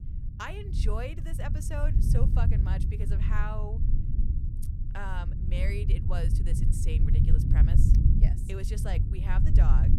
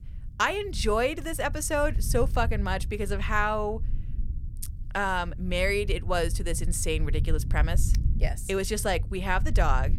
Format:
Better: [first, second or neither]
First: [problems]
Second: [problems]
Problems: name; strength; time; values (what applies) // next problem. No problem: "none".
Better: second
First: low rumble; loud; throughout; 3 dB below the speech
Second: low rumble; faint; throughout; 20 dB below the speech